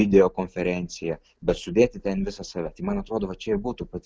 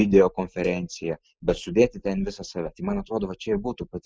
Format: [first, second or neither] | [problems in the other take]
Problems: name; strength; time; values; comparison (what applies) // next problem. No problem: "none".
first | noise reduction (classical method spectral subtraction)